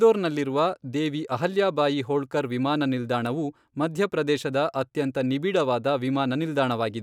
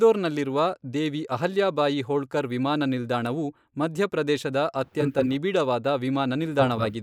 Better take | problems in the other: first | noise reduction (neural mask model Resemble Enhance denoiser)

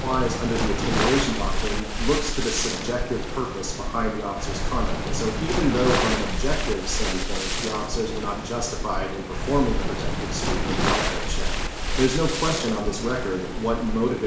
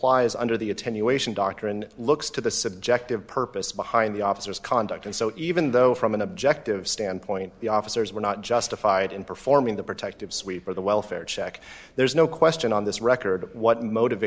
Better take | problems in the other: second | background sound (Waves, surf); 1 dB above the speech // room echo; dies away in 0.7 s

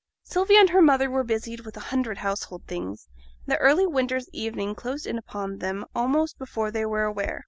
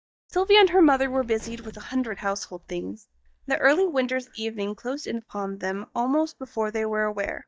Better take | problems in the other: first | noise reduction (neural mask model DeepFilterNet 3)

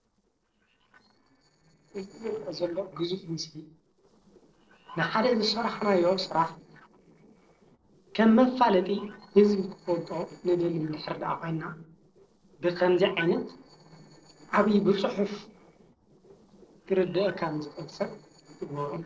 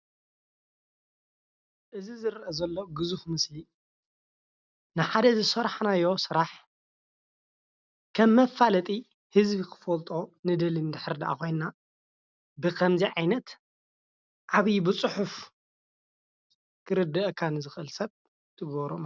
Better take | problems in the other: second | noise reduction (neural separator model SepFormer DNS4)

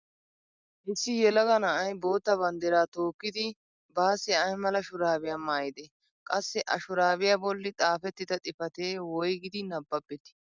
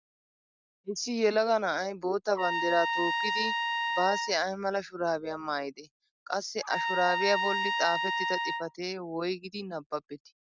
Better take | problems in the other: first | background sound (Trumpet); as loud as the speech

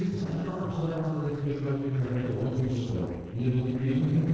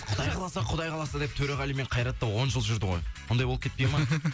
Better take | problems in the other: second | noise reduction (neural separator model SepFormer DNS4)

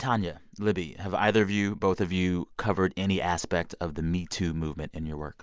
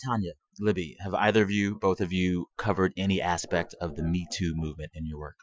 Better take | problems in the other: first | noise reduction (classical method Wiener filter)

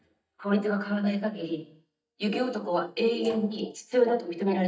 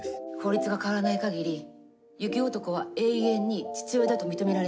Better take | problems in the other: second | noise reduction (neural mask model DeepFilterNet 3)

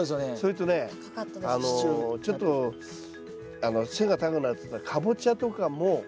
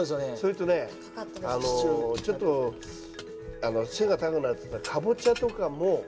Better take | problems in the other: first | background sound (Keys jangling); 19 dB below the speech // room echo; dies away in 1 s

